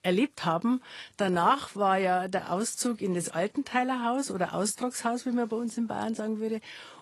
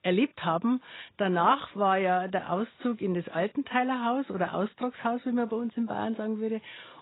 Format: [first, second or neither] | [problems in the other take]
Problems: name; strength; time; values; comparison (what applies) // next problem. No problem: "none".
first | garbled, watery; badly; nothing above 4 kHz; slightly in the first